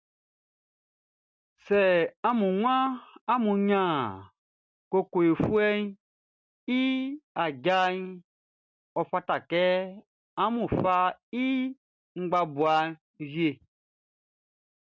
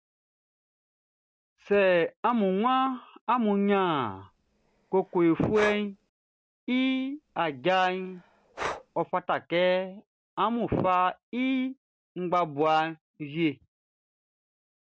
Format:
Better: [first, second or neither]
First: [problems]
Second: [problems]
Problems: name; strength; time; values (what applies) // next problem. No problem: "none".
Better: first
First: none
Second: background sound (Breathing); 14 dB below the speech